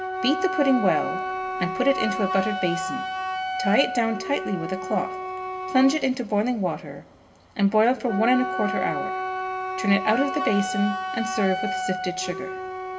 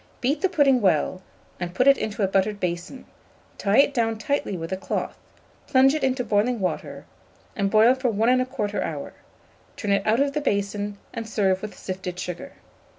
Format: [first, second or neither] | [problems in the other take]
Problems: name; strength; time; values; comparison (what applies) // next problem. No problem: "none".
second | background sound (Wind instrument, woodwind instrument); 5 dB below the speech // room echo; dies away in 0.8 s